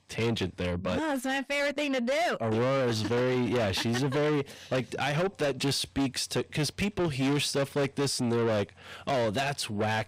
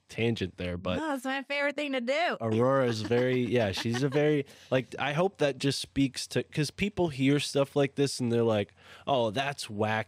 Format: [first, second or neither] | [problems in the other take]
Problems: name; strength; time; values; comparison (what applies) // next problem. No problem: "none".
second | distortion; heavy; 8 dB below the speech